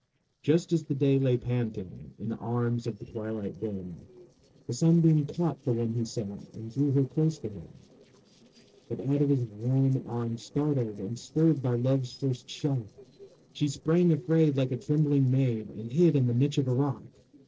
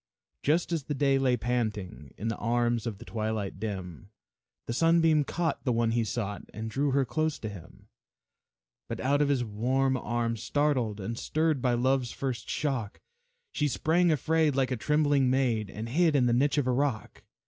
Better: second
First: noise reduction (neural separator model SepFormer DNS4)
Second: none

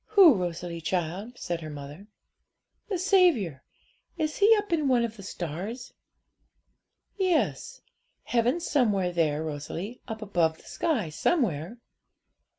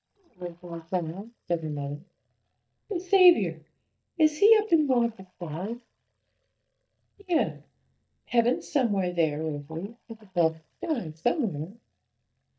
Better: first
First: none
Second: noise reduction (neural mask model DeepFilterNet 3)

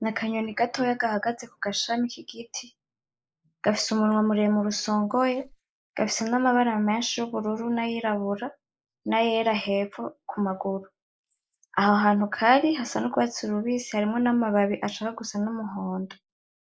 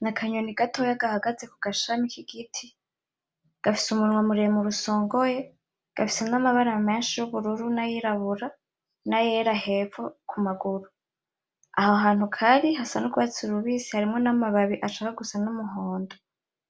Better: second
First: noise reduction (neural mask model Resemble Enhance denoiser)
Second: none

